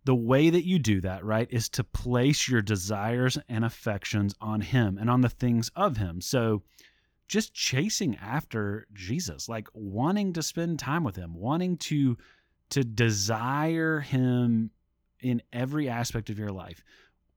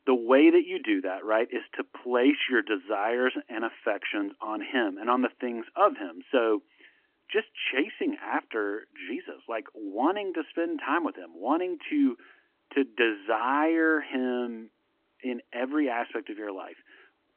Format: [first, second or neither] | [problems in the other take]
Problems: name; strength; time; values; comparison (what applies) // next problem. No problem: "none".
first | phone-call audio; nothing above 3 kHz